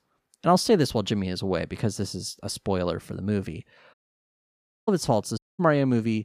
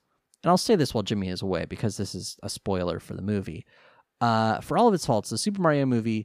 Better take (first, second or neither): second